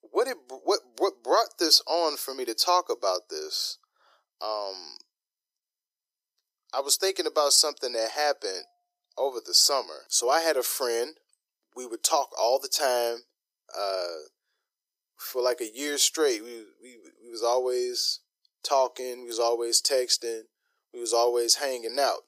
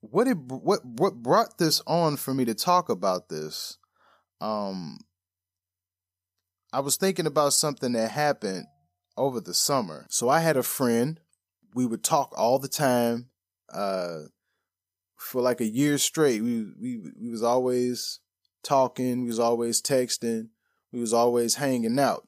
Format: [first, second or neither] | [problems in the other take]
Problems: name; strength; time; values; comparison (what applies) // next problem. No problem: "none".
second | thin; very; fading below 350 Hz